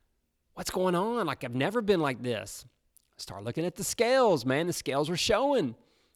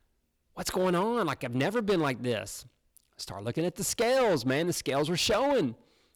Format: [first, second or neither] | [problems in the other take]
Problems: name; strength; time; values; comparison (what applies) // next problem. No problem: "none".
first | distortion; slight; 7% of the sound clipped